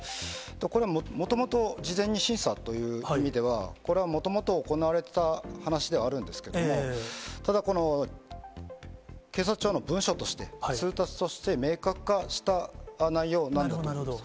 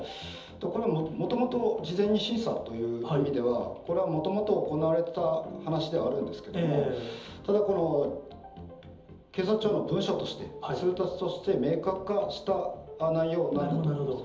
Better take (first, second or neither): first